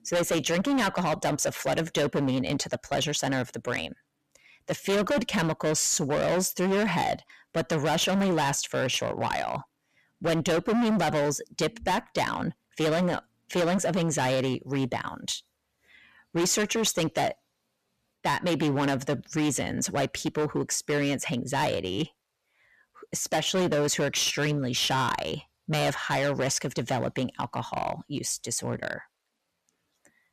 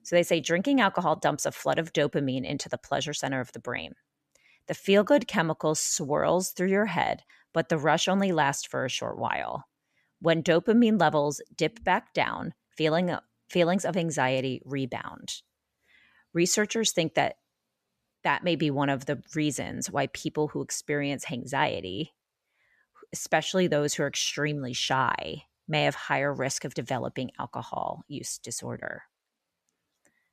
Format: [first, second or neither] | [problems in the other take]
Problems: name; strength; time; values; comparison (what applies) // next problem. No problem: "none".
second | distortion; heavy; 15% of the sound clipped